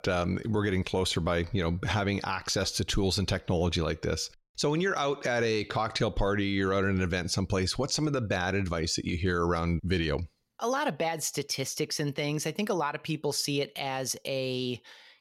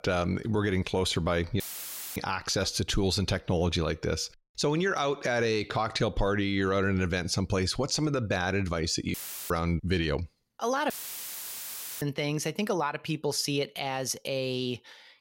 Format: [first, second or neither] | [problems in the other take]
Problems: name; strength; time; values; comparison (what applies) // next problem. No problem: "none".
first | audio cutting out; filled with static; at 1.5 s for 0.5 s, at 9 s and at 11 s for 1 s